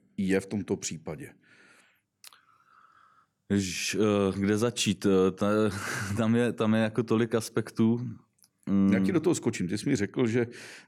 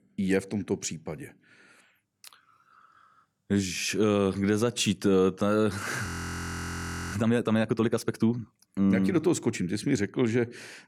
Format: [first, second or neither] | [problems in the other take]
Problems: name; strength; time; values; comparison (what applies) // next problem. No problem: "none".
first | audio freezing; at 6 s for 1 s